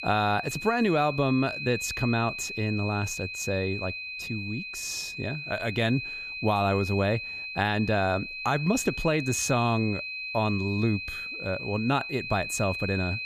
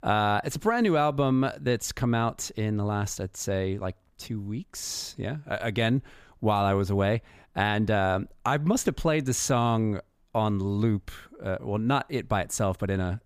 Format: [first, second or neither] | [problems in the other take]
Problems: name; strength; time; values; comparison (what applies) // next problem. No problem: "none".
second | high-pitched whine; loud; throughout; 2.5 kHz, 6 dB below the speech